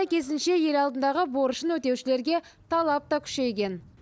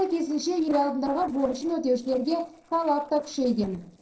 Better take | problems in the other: first | noise reduction (neural separator model SepFormer DNS4)

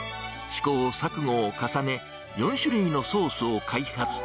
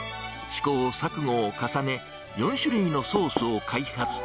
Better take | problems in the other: first | background sound (Writing); 13 dB below the speech

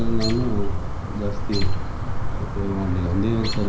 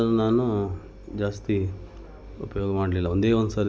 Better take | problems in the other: second | background sound (Chirp, tweet); 4 dB above the speech // room echo; dies away in 0.5 s

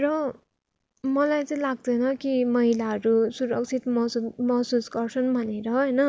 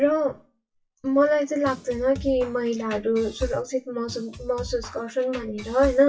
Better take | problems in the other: first | noise reduction (classical method WPE with log-MMSE)

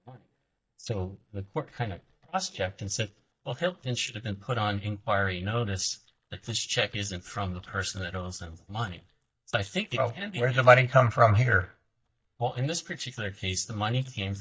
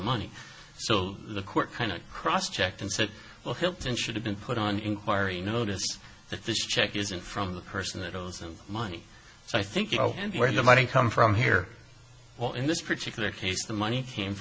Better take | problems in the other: second | noise reduction (neural mask model DeepFilterNet 3)

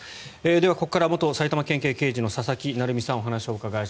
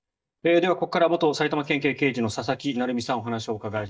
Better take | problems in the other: first | noise reduction (neural mask model DeepFilterNet 3)

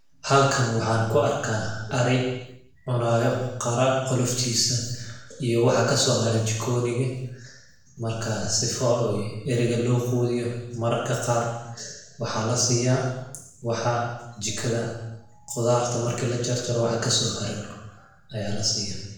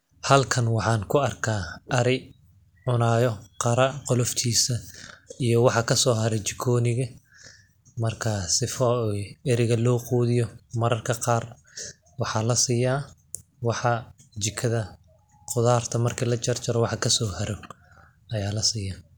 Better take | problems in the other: second | room echo; dies away in 0.9 s

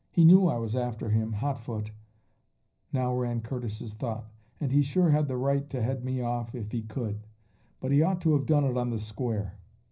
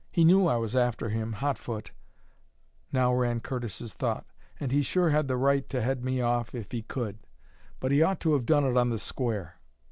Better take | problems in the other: second | room echo; dies away in 0.4 s

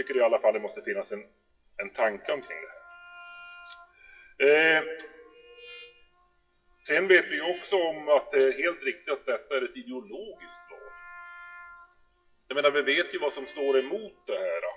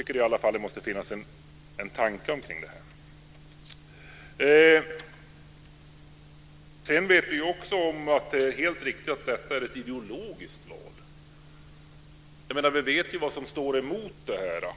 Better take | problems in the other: second | noise reduction (classical method WPE with log-MMSE)

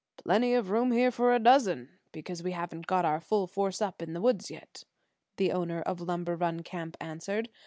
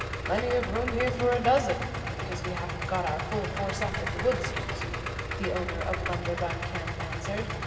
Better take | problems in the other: first | background sound (Idling); 1 dB below the speech // room echo; dies away in 2.7 s

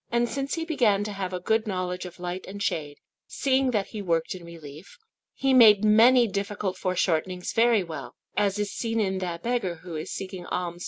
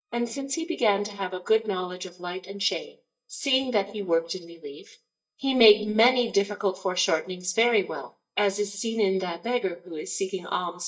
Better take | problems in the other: first | noise reduction (neural mask model DeepFilterNet 3)

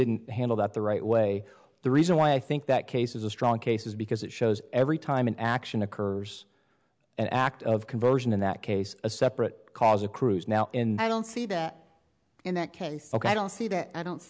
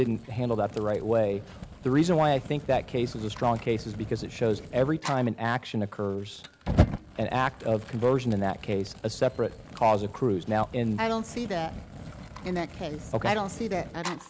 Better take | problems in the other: first | background sound (Fire); 9 dB below the speech

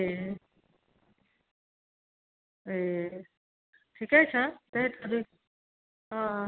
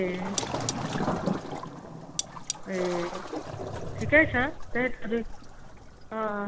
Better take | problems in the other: first | background sound (Cutlery, silverware + Waves, surf); 2 dB below the speech

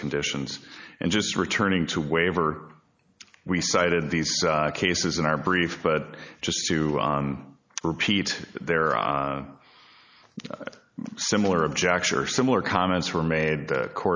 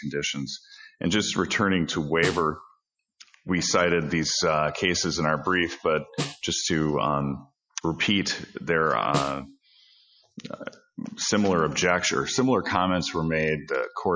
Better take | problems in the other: first | noise reduction (classical method Wiener filter)

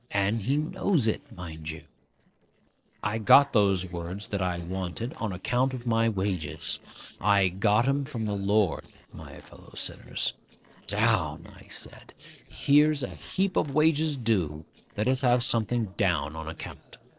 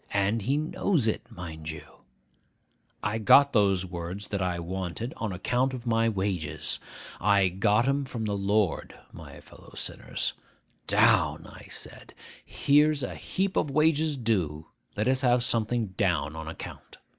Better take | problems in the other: second | noise reduction (neural separator model SepFormer DNS4)

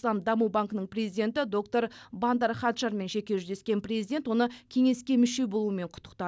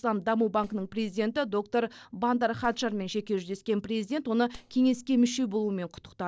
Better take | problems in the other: first | noise reduction (neural separator model SepFormer DNS4)

